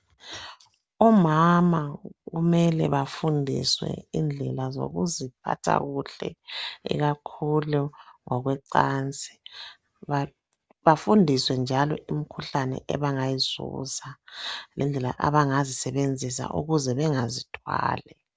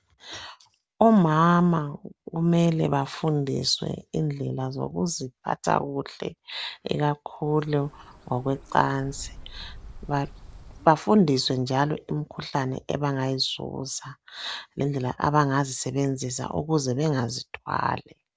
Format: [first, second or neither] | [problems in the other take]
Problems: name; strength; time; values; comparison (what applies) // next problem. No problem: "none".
first | background sound (Bird); 18 dB below the speech